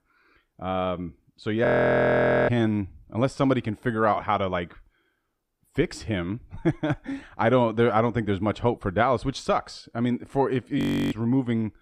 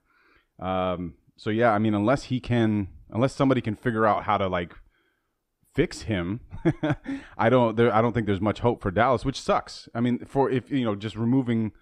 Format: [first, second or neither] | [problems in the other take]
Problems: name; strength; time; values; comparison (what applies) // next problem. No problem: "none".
second | audio freezing; at 1.5 s for 1 s and at 11 s